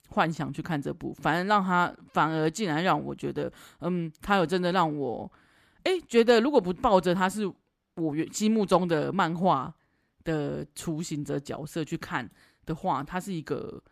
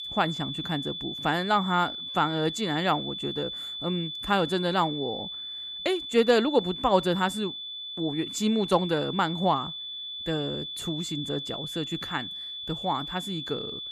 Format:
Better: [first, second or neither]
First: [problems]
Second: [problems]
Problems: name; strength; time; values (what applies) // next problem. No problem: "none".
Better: first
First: none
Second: high-pitched whine; loud; throughout; 3.5 kHz, 6 dB below the speech